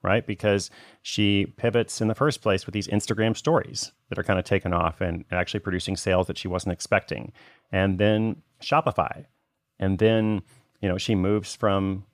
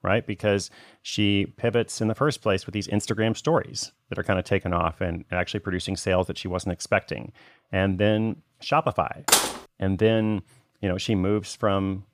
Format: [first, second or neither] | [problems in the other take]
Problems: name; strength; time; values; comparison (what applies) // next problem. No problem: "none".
first | clattering dishes; loud; at 9.5 s; peak 6 dB above the speech